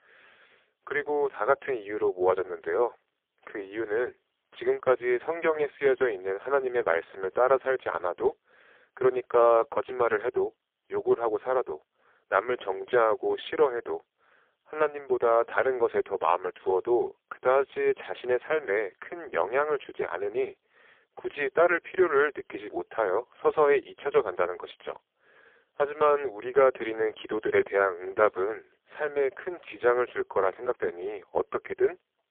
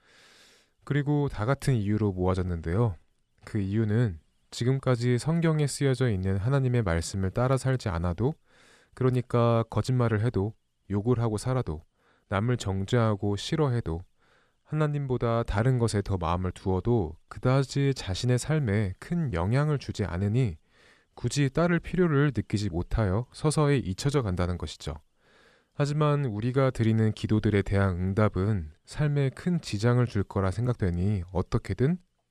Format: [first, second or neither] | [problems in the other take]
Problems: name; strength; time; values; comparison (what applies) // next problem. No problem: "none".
second | phone-call audio; poor line